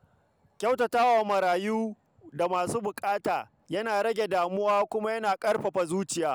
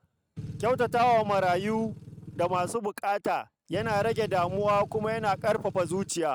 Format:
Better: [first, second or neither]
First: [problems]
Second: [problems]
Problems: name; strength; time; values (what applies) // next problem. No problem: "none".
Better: first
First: none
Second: noise reduction (neural mask model RNNoise)